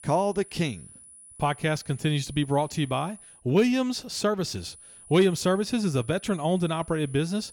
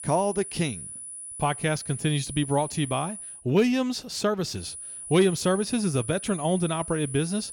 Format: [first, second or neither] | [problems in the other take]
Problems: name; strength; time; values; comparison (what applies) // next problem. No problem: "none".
first | high-pitched whine; loud; until 3.5 s and from 4.5 s on; 10 kHz, 10 dB below the speech; faint in the first